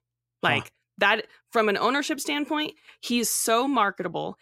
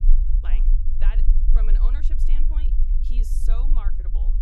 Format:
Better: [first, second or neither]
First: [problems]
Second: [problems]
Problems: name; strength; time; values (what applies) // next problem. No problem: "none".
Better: first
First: none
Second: low rumble; loud; throughout; 4 dB below the speech